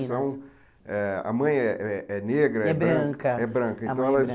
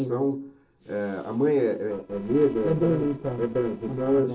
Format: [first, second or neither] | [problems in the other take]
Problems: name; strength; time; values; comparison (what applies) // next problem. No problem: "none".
first | noise reduction (neural separator model SepFormer DNS4)